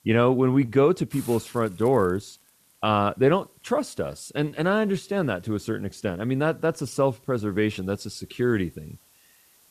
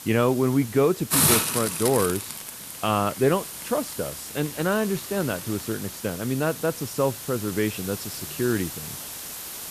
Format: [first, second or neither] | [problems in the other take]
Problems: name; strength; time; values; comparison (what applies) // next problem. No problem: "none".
first | hiss; loud; throughout; 3 dB below the speech; faint in the first